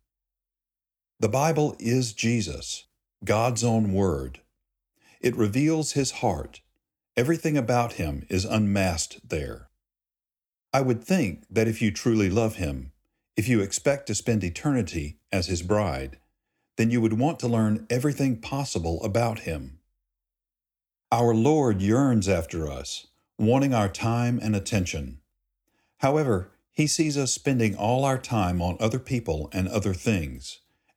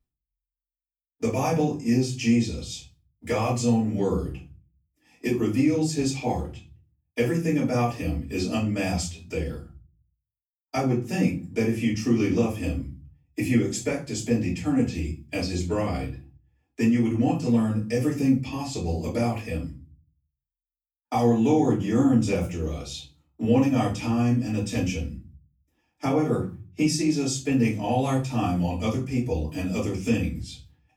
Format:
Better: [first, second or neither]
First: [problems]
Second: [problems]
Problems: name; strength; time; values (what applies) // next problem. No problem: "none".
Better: first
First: none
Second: room echo; slight; dies away in 0.4 s // off-mic speech; far